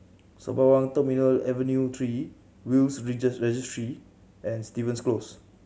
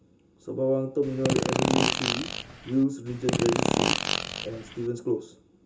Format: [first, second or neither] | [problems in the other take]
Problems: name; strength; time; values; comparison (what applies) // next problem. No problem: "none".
first | background sound (Fart); 2 dB above the speech // room echo; dies away in 0.2 s